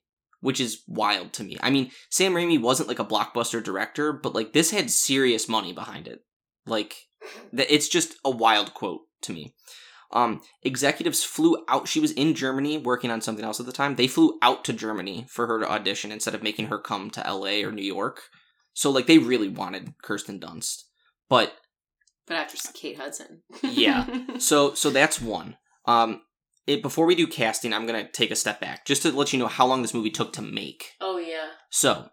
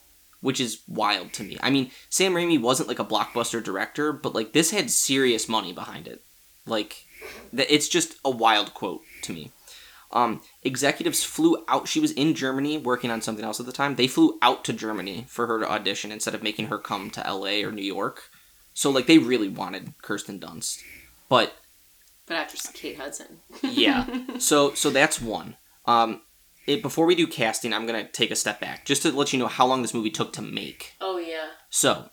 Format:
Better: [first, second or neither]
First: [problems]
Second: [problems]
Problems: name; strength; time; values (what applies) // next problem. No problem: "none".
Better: first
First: none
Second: hiss; faint; throughout; 25 dB below the speech